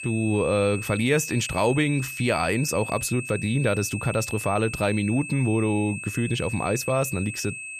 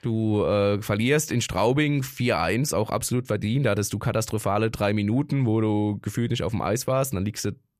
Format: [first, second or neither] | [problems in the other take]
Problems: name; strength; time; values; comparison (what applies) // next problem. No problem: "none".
second | high-pitched whine; loud; throughout; 2.5 kHz, 9 dB below the speech